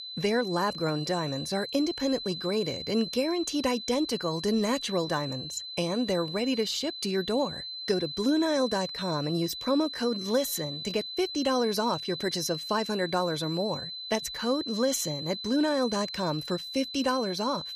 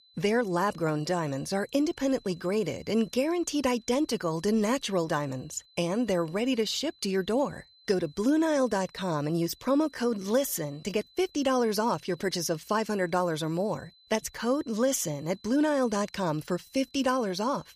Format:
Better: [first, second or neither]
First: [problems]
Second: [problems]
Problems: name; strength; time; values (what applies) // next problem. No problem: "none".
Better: second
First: high-pitched whine; loud; throughout; 4 kHz, 7 dB below the speech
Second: high-pitched whine; faint; throughout; 4 kHz, 30 dB below the speech